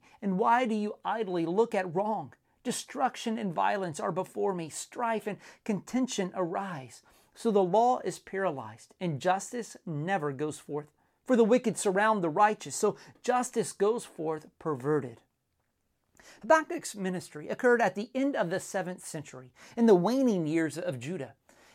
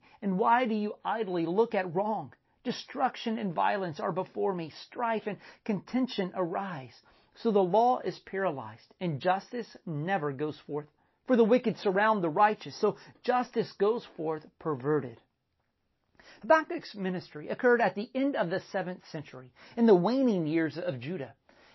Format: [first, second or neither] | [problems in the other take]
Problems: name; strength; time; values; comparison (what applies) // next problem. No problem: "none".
first | garbled, watery; slightly; nothing above 5.5 kHz